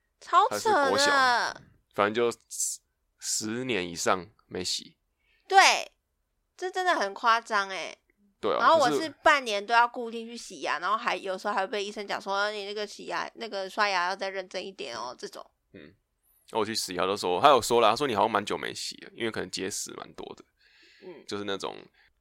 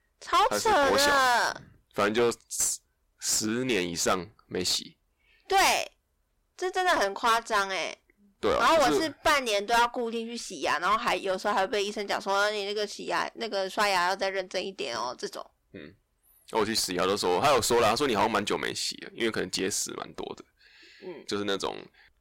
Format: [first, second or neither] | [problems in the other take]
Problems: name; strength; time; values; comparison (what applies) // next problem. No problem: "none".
first | distortion; heavy; 9% of the sound clipped